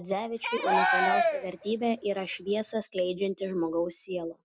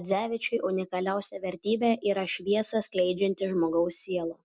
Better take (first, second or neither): second